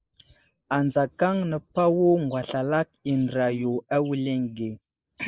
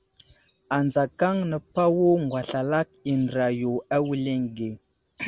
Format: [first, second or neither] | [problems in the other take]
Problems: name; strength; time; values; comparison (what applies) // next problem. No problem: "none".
second | noise reduction (neural mask model Resemble Enhance denoiser)